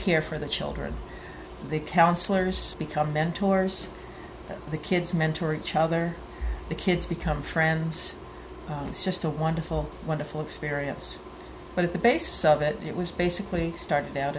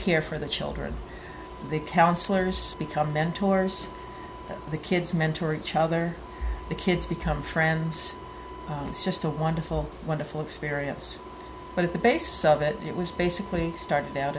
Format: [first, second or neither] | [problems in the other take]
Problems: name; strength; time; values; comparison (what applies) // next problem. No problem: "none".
first | background sound (Wind instrument, woodwind instrument); 19 dB below the speech